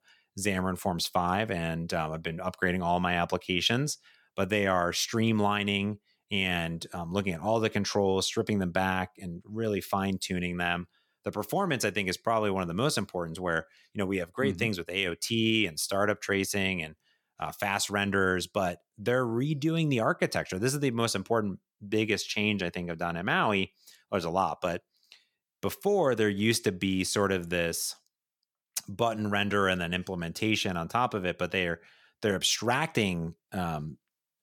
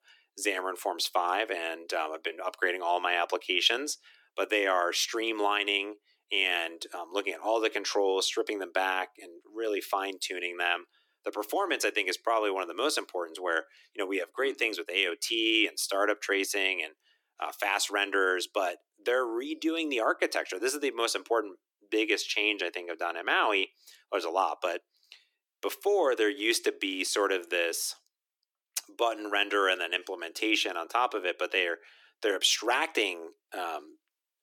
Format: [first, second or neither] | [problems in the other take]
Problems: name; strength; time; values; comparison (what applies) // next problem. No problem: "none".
first | thin; very; fading below 300 Hz